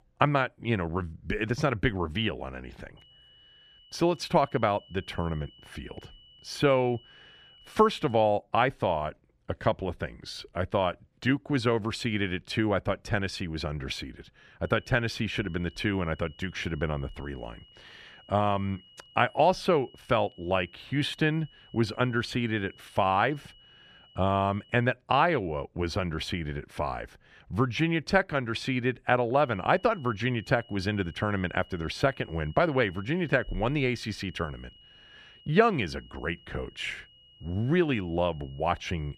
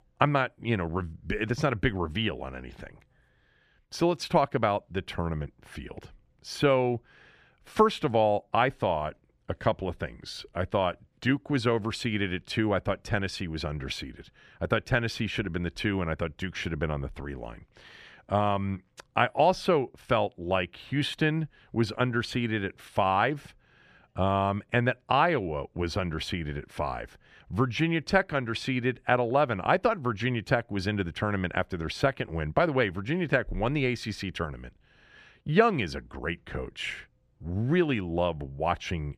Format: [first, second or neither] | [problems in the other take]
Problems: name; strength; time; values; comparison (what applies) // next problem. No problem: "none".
second | high-pitched whine; faint; from 3 to 8.5 s, from 15 to 25 s and from 29 s on; 3 kHz, 25 dB below the speech